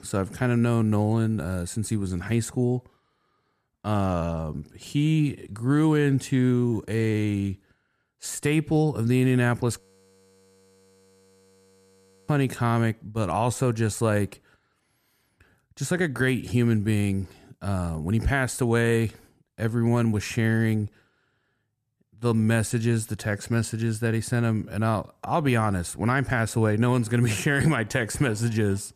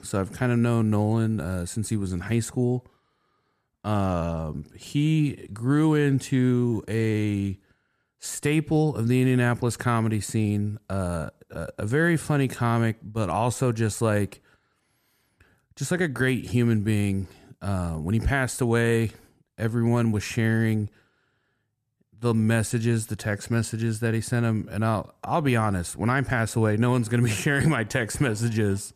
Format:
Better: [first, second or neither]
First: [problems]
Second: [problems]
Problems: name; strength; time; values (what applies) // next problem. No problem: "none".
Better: second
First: audio freezing; at 10 s for 2.5 s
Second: none